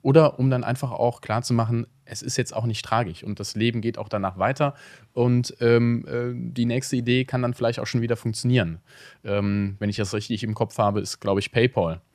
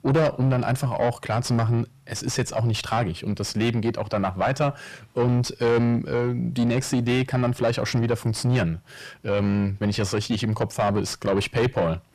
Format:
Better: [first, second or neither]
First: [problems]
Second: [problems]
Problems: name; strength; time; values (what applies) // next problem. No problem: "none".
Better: first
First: none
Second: distortion; heavy; 7 dB below the speech